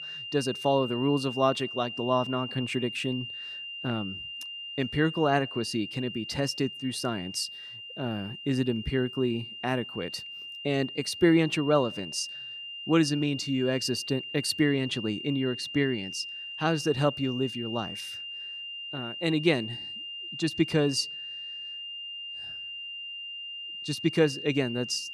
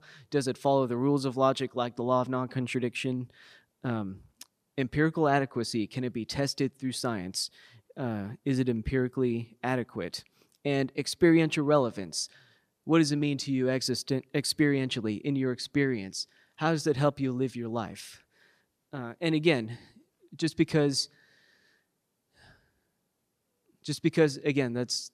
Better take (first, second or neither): second